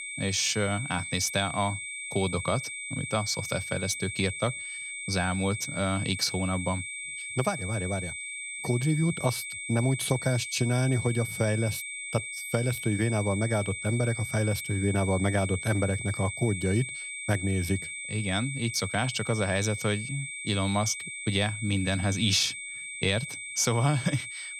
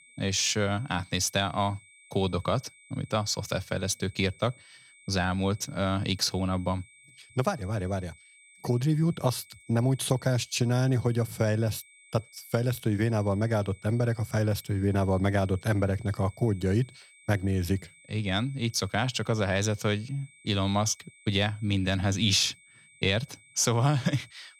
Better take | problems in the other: second | high-pitched whine; loud; throughout; 2.5 kHz, 6 dB below the speech; faint in the second

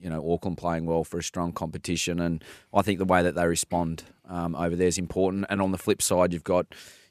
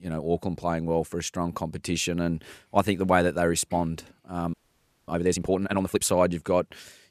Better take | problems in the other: first | audio freezing; at 4.5 s for 0.5 s

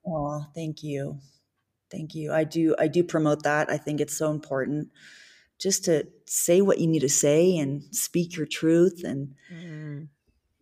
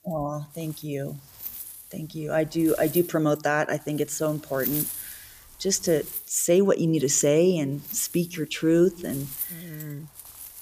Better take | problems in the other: first | wind noise on the microphone; occasional gusts; 15 dB below the speech

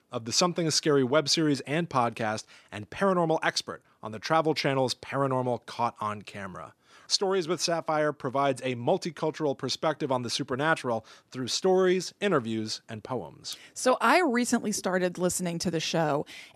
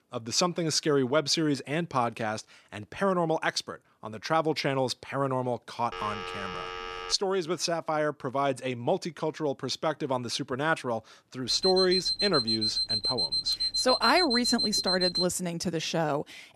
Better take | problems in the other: first | phone ringing; noticeable; from 6 to 7 s; peak 7 dB below the speech // alarm; loud; from 11 to 15 s; peak 3 dB above the speech

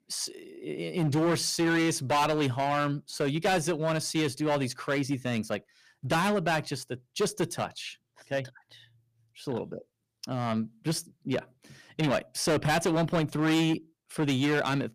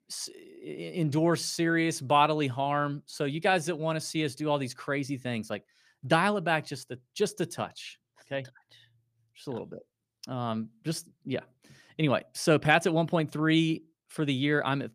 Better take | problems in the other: second | distortion; heavy; 9% of the sound clipped

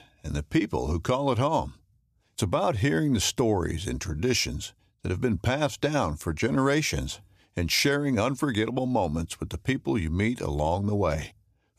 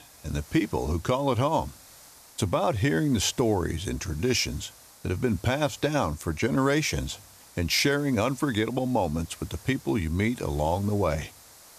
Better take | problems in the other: first | hiss; faint; throughout; 20 dB below the speech

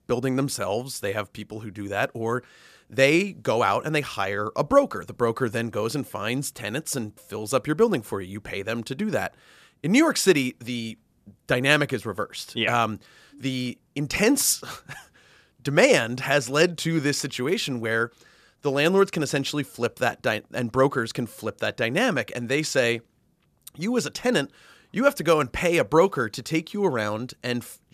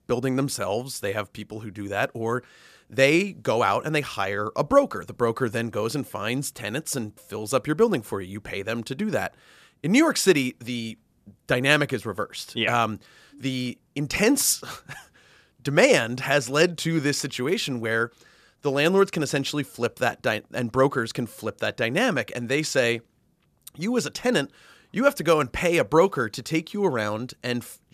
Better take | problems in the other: neither | none

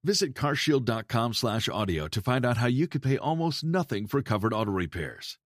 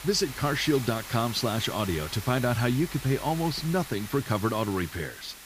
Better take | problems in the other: first | hiss; noticeable; throughout; 10 dB below the speech

